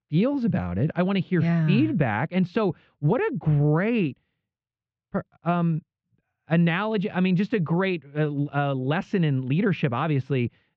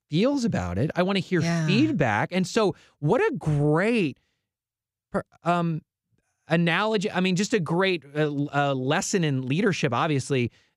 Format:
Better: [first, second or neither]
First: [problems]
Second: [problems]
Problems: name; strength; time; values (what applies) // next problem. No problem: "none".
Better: second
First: muffled; very; fading above 3 kHz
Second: none